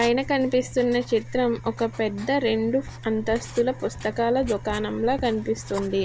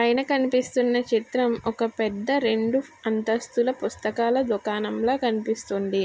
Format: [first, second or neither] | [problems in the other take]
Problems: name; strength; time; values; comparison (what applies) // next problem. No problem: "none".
second | background sound (Writing); 14 dB below the speech